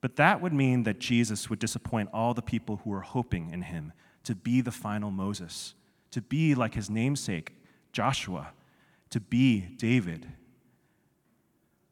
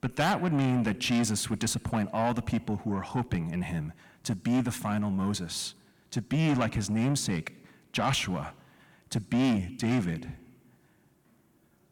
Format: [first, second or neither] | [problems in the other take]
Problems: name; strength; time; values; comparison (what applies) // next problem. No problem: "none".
first | distortion; heavy; 7 dB below the speech